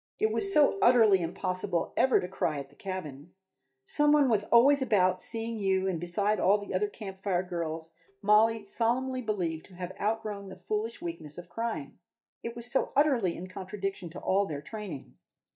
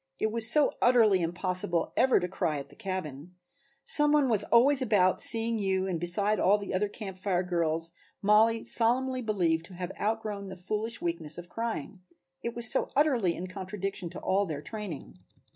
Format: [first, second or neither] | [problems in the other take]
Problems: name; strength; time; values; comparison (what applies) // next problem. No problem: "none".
second | noise reduction (neural mask model DeepFilterNet 3)